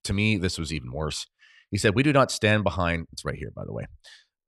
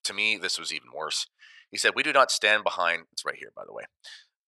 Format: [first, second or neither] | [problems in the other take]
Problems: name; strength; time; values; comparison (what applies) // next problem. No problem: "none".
first | thin; very; fading below 750 Hz